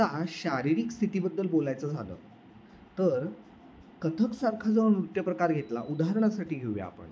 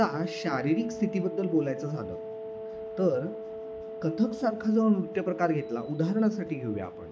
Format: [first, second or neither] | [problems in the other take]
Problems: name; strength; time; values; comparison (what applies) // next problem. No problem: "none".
first | background sound (Wind instrument, woodwind instrument); 10 dB below the speech